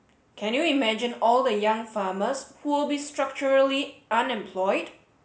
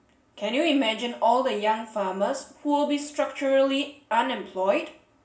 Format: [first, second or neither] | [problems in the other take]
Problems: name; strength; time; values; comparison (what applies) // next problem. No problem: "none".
first | room echo; dies away in 0.2 s